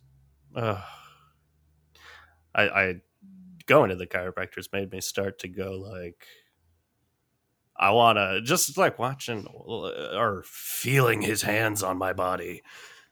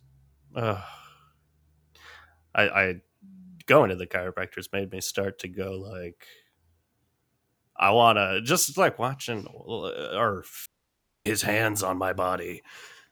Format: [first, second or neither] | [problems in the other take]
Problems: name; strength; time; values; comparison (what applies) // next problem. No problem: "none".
first | audio cutting out; at 11 s for 0.5 s